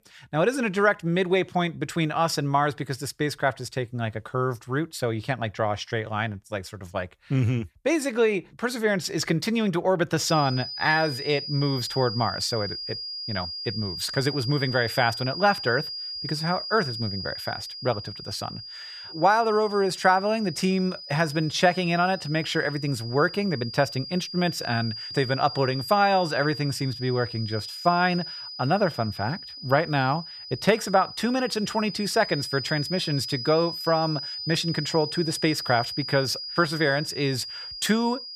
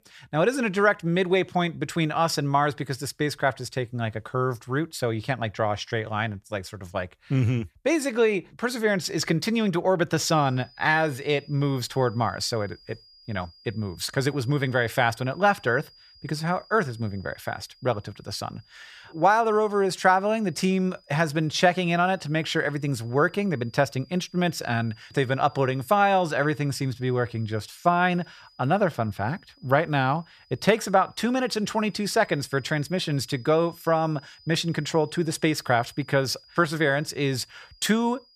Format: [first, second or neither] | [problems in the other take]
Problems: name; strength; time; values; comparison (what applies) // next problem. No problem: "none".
second | high-pitched whine; loud; from 10 s on; 5 kHz, 8 dB below the speech; faint in the second